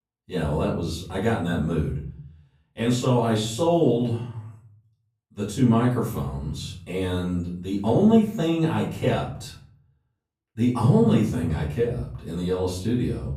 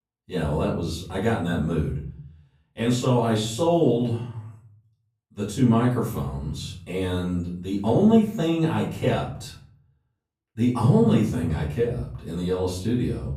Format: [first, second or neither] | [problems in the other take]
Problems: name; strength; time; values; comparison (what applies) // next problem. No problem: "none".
neither | off-mic speech; far; the same in both // room echo; slight; dies away in 0.5 s; the same in both